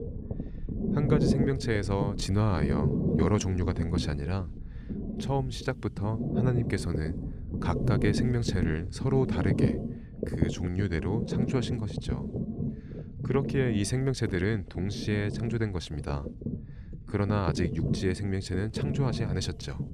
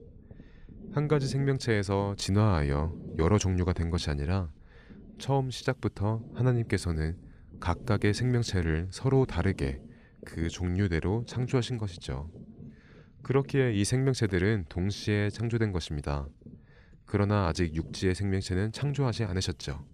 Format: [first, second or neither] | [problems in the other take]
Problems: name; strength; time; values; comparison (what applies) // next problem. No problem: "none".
second | low rumble; loud; throughout; 4 dB below the speech; faint in the second